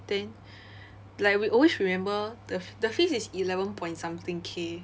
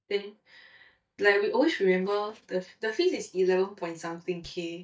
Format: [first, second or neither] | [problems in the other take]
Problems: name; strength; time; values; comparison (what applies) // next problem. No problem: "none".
first | noise reduction (neural mask model DeepFilterNet 3)